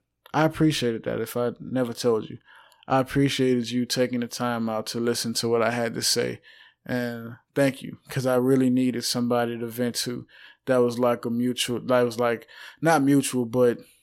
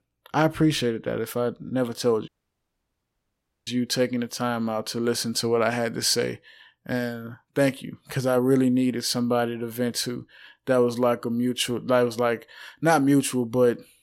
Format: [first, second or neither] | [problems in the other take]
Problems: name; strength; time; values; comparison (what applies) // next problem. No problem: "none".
first | audio cutting out; at 2.5 s for 1.5 s